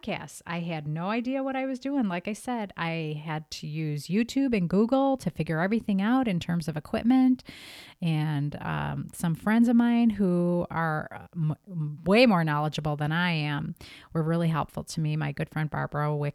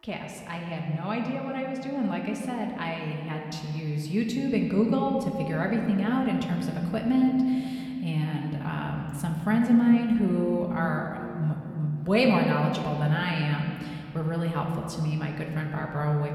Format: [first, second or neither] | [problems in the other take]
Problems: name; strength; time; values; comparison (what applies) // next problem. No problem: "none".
first | room echo; slight; dies away in 2.3 s